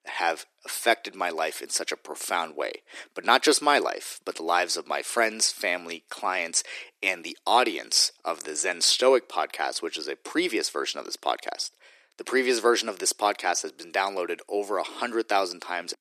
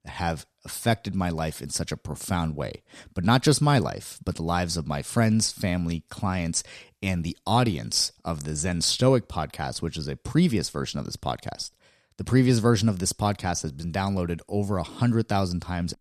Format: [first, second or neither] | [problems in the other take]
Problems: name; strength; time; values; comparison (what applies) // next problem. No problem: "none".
second | thin; very; fading below 350 Hz